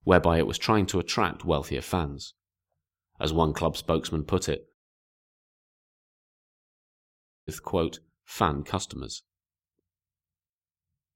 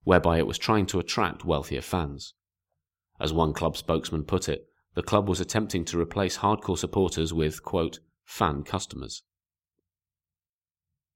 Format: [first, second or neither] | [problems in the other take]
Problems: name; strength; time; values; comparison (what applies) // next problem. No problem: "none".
second | audio cutting out; at 4.5 s for 2.5 s